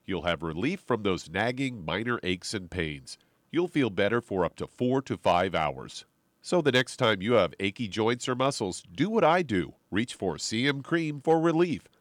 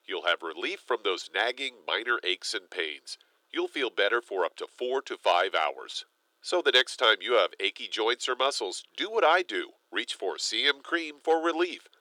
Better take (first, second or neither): first